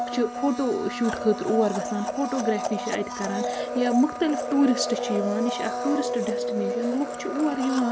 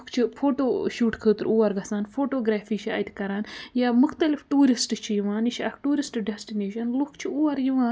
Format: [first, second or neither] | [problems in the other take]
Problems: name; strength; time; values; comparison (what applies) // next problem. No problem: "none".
second | background sound (Domestic sounds, home sounds); 4 dB below the speech